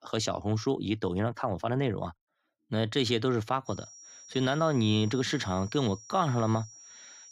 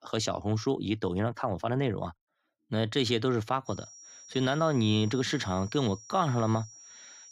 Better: neither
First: high-pitched whine; noticeable; from 3.5 s on; 5.5 kHz, 20 dB below the speech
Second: high-pitched whine; noticeable; from 3.5 s on; 5.5 kHz, 20 dB below the speech

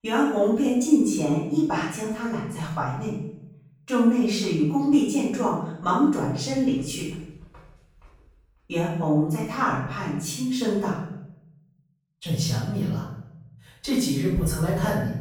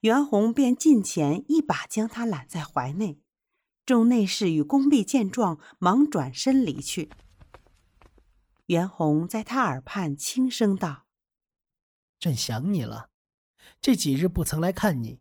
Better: second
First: off-mic speech; far // room echo; noticeable; dies away in 0.7 s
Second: none

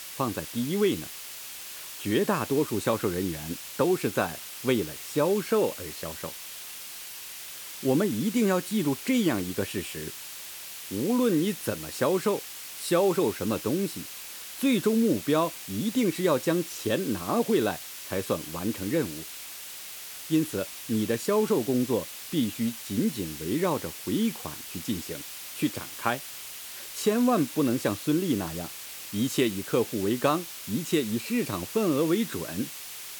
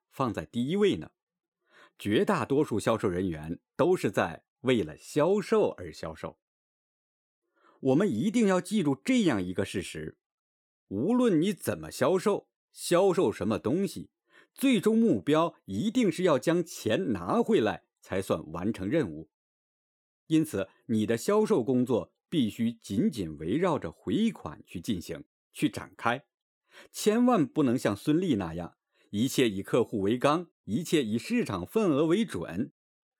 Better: second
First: hiss; loud; throughout; 10 dB below the speech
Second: none

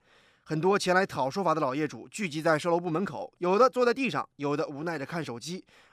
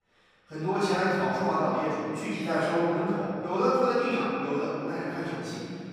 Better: first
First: none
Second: off-mic speech; far // room echo; strong; dies away in 2.4 s

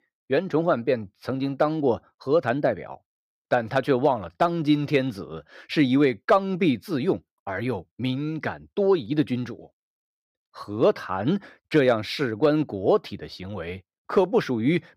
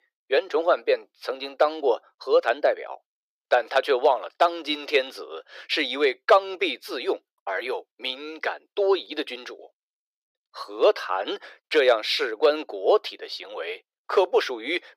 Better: first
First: none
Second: thin; very; fading below 400 Hz

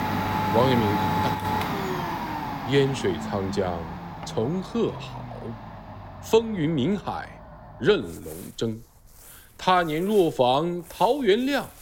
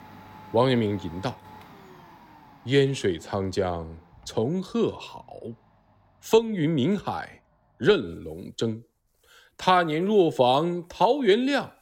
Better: second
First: household noises; loud; throughout; 5 dB below the speech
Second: household noises; faint; throughout; 25 dB below the speech

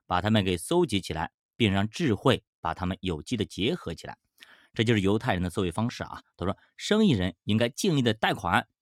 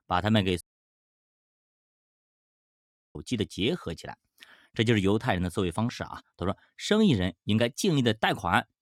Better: first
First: none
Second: audio cutting out; at 0.5 s for 2.5 s

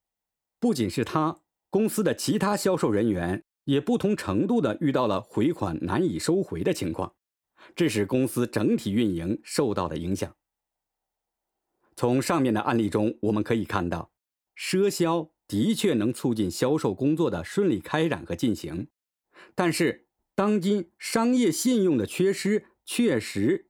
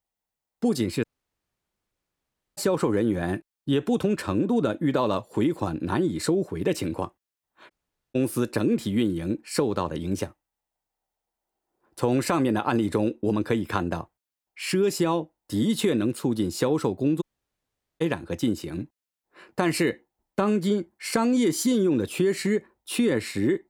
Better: first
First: none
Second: audio cutting out; at 1 s for 1.5 s, at 7.5 s and at 17 s for 1 s

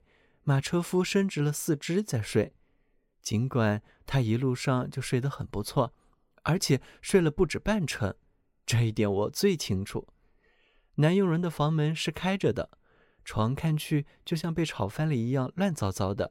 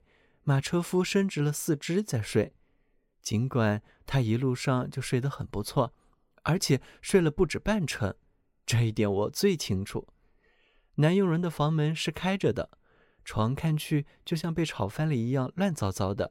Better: neither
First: none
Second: none

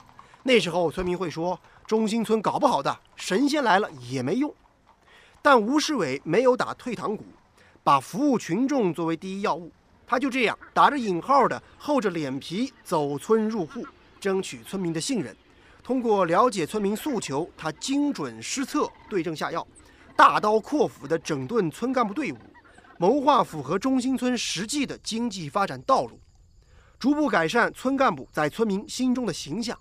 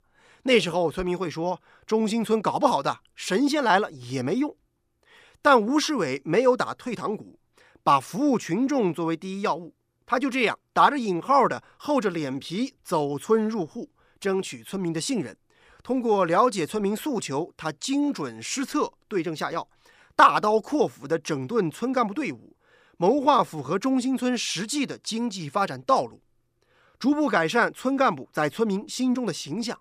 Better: second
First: animal sounds; faint; throughout; 30 dB below the speech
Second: none

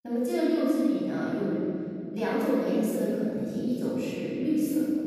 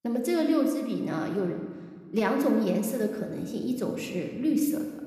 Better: second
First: room echo; strong; dies away in 2.9 s // off-mic speech; far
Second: room echo; slight; dies away in 1.3 s

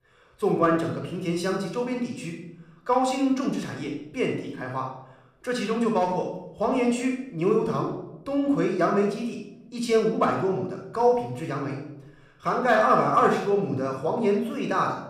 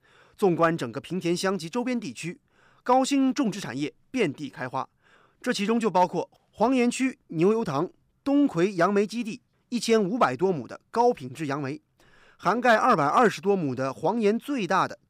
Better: second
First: off-mic speech; somewhat distant // room echo; noticeable; dies away in 0.7 s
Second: none

